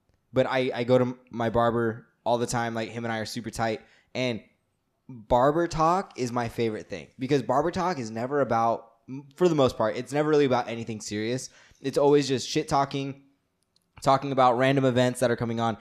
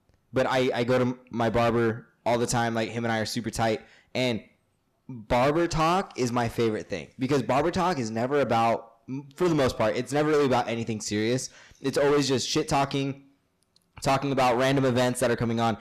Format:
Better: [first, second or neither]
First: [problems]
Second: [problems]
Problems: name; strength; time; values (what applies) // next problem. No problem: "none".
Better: first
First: none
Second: distortion; heavy; 12% of the sound clipped